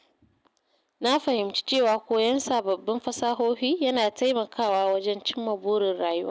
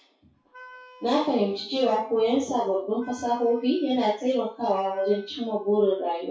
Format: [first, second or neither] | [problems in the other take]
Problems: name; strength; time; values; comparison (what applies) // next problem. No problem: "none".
first | noise reduction (classical method WPE with log-MMSE)